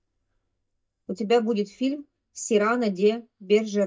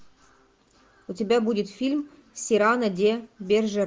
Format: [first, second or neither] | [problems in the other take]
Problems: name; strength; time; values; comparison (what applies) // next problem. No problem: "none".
second | noise reduction (neural mask model DeepFilterNet 3)